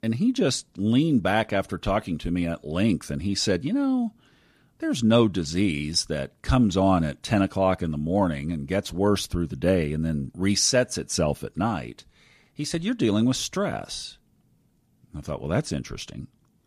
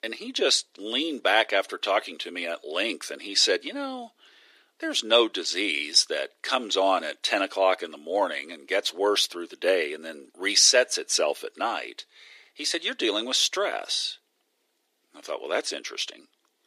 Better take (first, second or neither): first